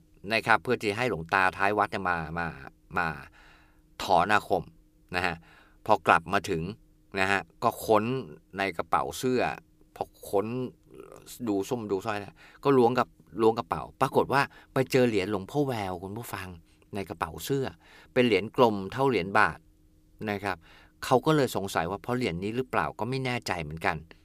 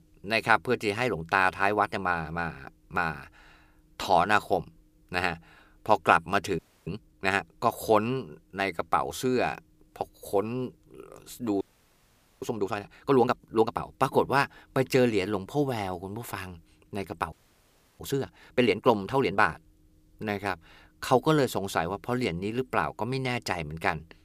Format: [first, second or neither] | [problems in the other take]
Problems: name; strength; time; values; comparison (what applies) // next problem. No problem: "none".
first | audio freezing; at 6.5 s, at 12 s for 1 s and at 17 s for 0.5 s